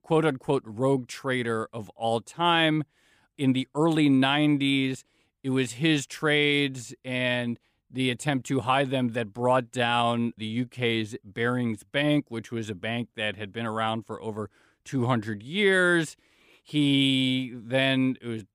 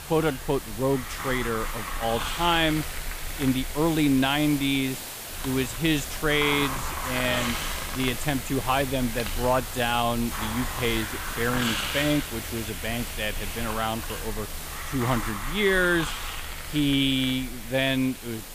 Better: first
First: none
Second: hiss; loud; throughout; 6 dB below the speech

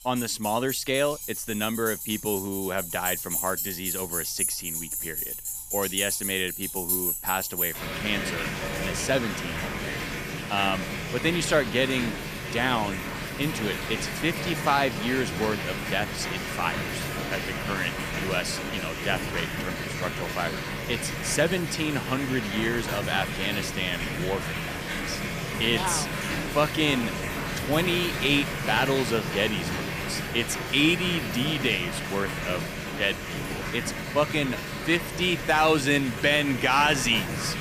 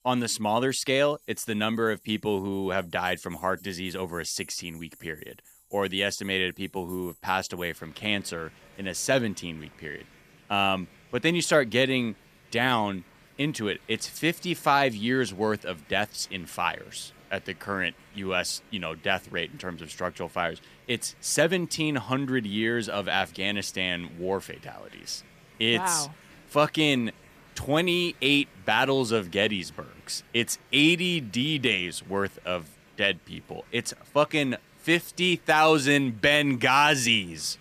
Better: second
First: household noises; loud; throughout; 3 dB below the speech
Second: household noises; faint; throughout; 25 dB below the speech

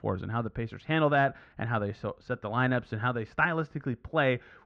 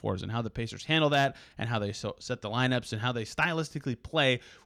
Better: second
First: muffled; very; fading above 1.5 kHz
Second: none

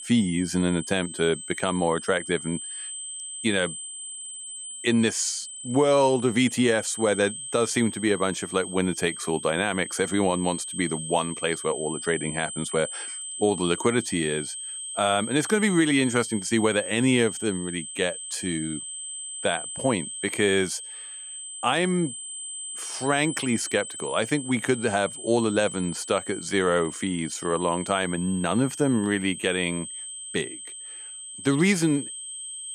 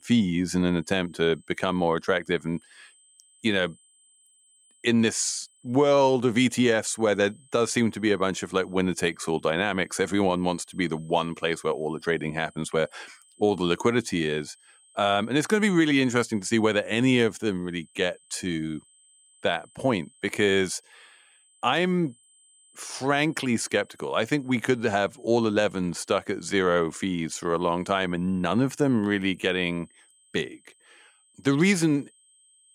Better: second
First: high-pitched whine; loud; throughout; 8 kHz, 9 dB below the speech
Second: high-pitched whine; faint; throughout; 8 kHz, 30 dB below the speech

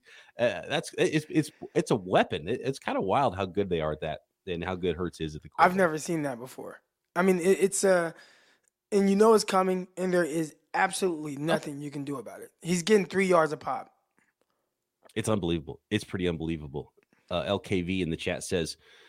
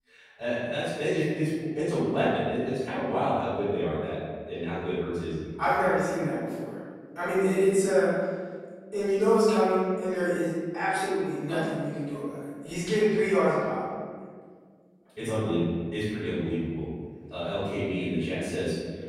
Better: first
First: none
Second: off-mic speech; far // room echo; strong; dies away in 1.7 s

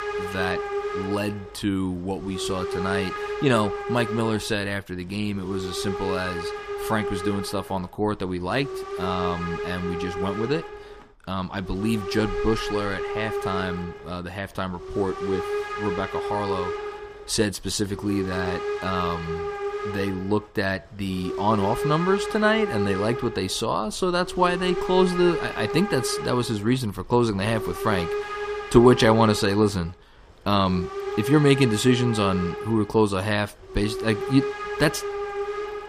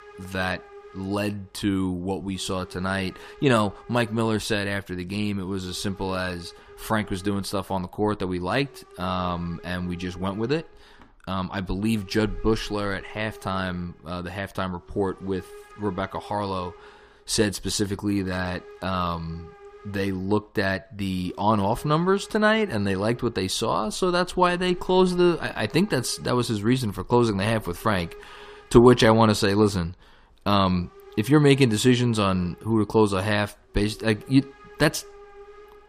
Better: second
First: hiss; loud; throughout; 6 dB below the speech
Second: hiss; faint; throughout; 25 dB below the speech

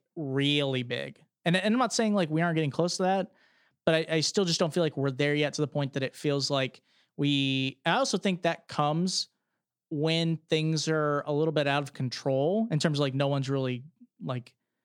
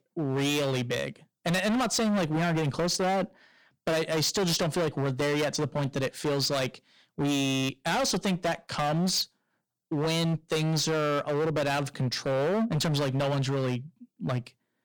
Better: first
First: none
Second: distortion; heavy; 24% of the sound clipped

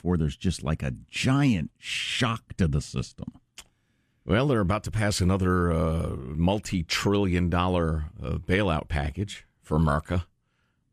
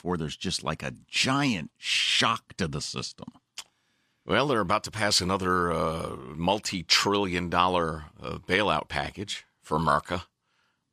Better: first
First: none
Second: thin; somewhat; fading below 400 Hz

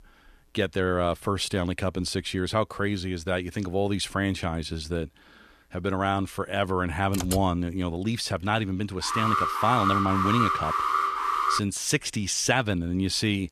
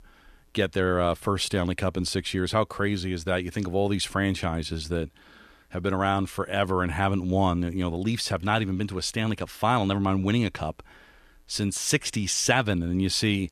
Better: second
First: keyboard typing; noticeable; at 7 s; peak 5 dB below the speech // alarm; loud; from 9 to 12 s; peak 3 dB above the speech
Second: none

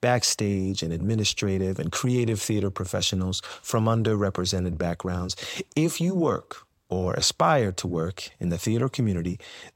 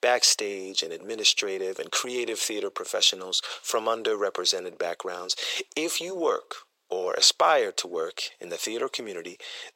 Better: first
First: none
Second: thin; very; fading below 400 Hz

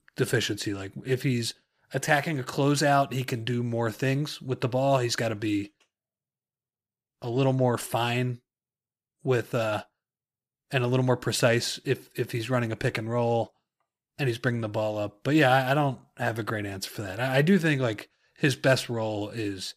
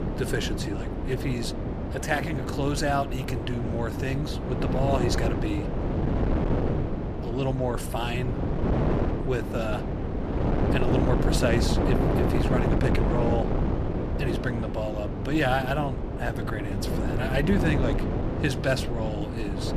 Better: first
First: none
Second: wind noise on the microphone; heavy; 2 dB below the speech

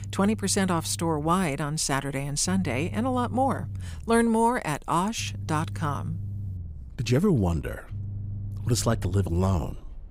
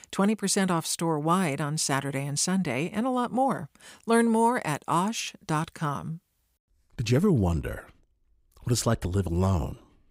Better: second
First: low rumble; faint; throughout; 25 dB below the speech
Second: none

